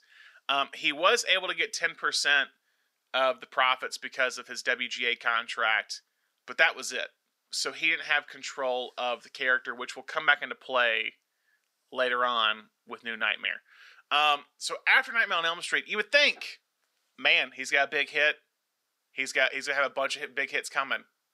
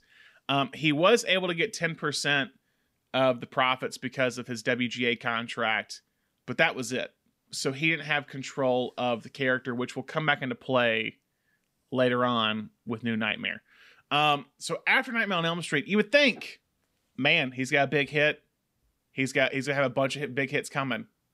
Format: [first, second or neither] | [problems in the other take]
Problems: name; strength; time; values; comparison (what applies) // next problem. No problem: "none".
second | thin; very; fading below 600 Hz